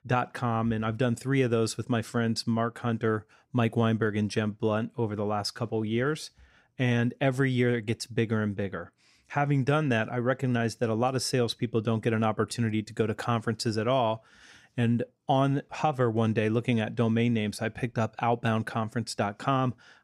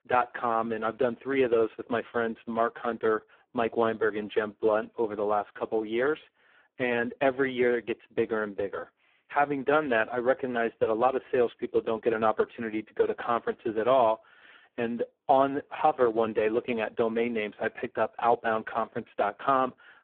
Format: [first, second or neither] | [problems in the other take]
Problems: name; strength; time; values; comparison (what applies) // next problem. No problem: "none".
first | phone-call audio; poor line